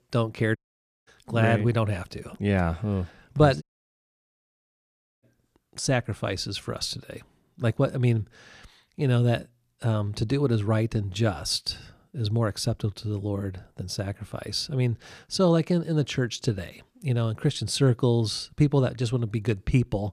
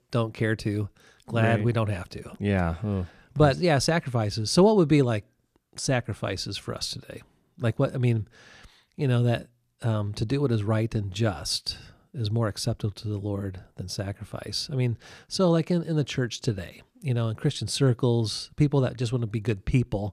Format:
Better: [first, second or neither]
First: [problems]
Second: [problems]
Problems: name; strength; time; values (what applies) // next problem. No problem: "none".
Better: second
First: audio cutting out; at 0.5 s for 0.5 s and at 3.5 s for 1.5 s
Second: none